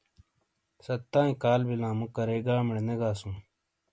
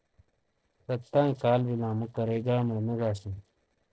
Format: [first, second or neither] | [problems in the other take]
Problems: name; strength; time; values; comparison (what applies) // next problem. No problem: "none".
first | noise reduction (neural separator model SepFormer DNS4)